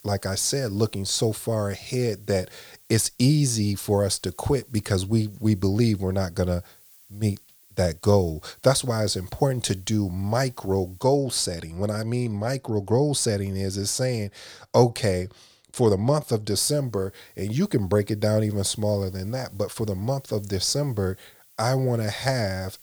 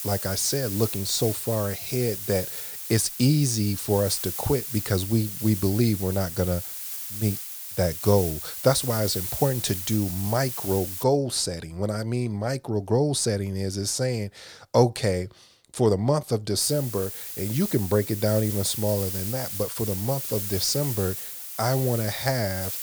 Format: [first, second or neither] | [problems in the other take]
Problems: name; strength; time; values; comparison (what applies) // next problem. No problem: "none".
first | hiss; loud; until 11 s and from 17 s on; 4 dB below the speech; faint in the first